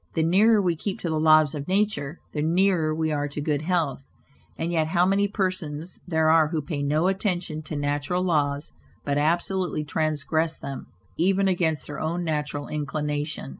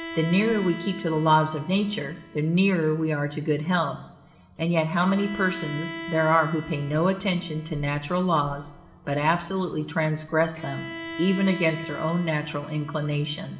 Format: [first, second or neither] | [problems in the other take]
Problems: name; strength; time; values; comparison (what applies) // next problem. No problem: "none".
first | background sound (Bowed string instrument); 15 dB below the speech // room echo; dies away in 1 s